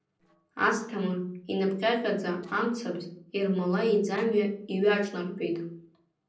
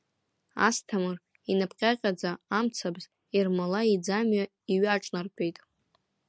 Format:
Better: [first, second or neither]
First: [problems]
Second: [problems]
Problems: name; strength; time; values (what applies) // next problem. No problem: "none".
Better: second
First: noise reduction (neural separator model SepFormer DNS4)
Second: none